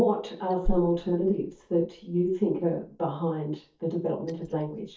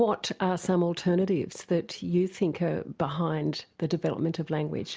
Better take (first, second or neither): second